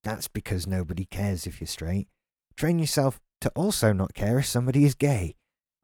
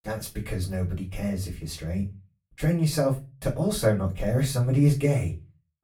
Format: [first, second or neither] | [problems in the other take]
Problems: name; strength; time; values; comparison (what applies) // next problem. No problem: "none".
first | off-mic speech; far // room echo; very slight; dies away in 0.2 s